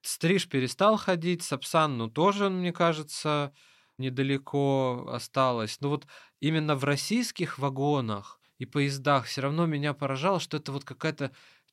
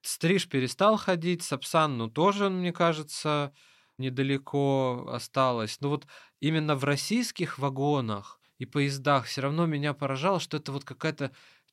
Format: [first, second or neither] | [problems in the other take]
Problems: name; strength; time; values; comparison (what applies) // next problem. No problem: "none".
neither | none